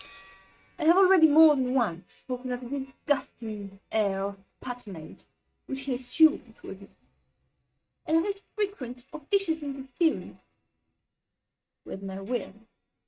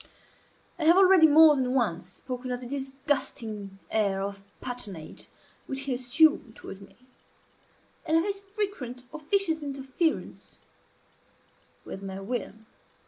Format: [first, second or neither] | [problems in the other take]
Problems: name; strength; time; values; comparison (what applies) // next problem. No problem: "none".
second | noise reduction (neural mask model RNNoise)